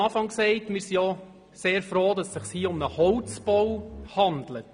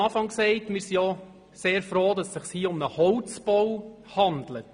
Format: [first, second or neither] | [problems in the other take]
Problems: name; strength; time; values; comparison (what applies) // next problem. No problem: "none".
second | background sound (Bowed string instrument); 16 dB below the speech